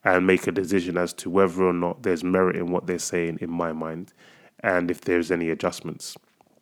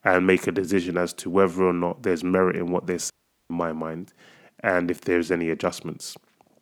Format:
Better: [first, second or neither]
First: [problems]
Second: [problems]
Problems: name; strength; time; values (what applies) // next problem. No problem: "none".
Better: first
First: none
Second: audio cutting out; at 3 s